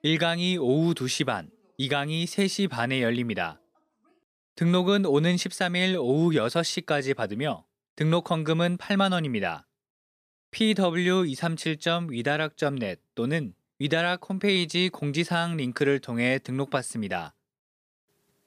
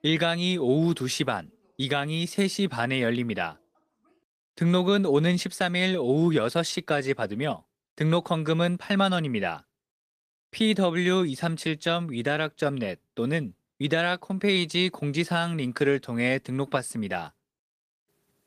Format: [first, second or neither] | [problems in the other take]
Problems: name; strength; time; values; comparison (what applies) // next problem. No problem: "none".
first | garbled, watery; slightly; nothing above 15 kHz